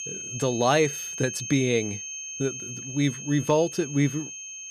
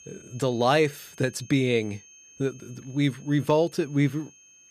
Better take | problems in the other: second | high-pitched whine; loud; throughout; 6.5 kHz, 8 dB below the speech; faint in the second

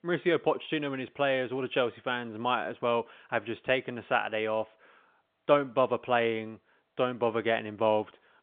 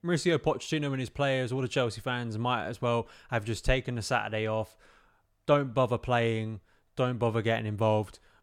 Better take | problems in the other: second | phone-call audio; nothing above 3.5 kHz

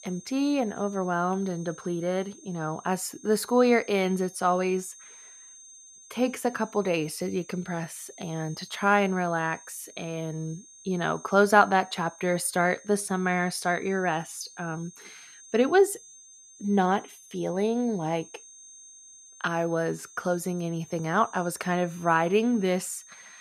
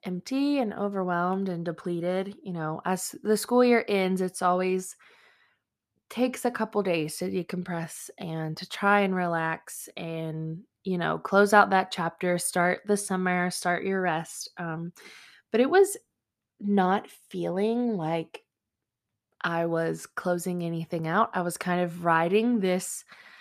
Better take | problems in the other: second | high-pitched whine; faint; throughout; 6.5 kHz, 20 dB below the speech

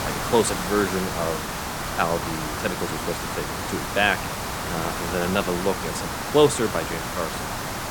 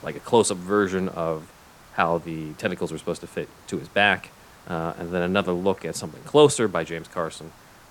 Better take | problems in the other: second | hiss; loud; throughout; 3 dB below the speech; faint in the second

